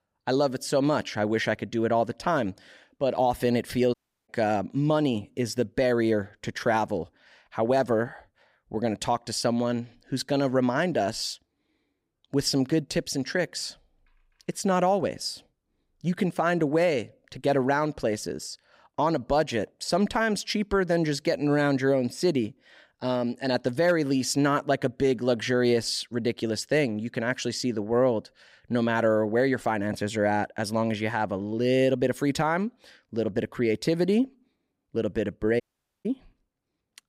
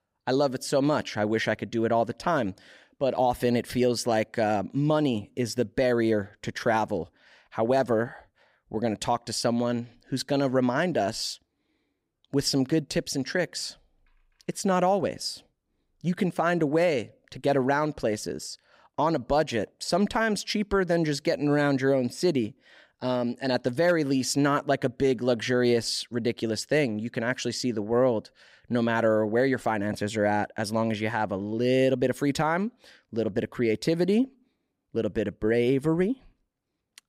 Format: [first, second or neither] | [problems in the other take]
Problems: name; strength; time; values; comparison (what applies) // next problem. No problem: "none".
second | audio cutting out; at 4 s and at 36 s